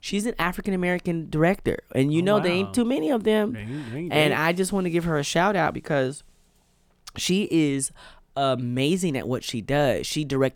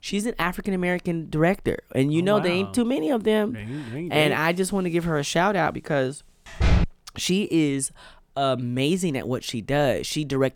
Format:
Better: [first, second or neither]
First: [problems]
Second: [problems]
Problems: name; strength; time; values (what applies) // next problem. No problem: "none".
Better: first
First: none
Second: door banging; loud; at 6.5 s; peak 2 dB above the speech